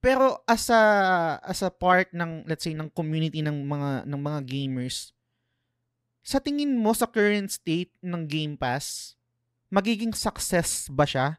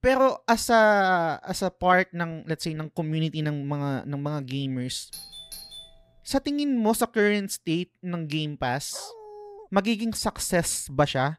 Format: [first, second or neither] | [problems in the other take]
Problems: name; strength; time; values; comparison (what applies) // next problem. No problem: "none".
first | doorbell; faint; from 5 to 6.5 s; peak 15 dB below the speech // dog barking; faint; at 9 s; peak 20 dB below the speech